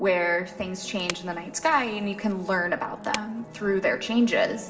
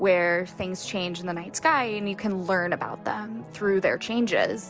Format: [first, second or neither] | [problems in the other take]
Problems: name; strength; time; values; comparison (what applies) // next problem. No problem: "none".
second | background sound (Wood); 15 dB below the speech // room echo; dies away in 2.6 s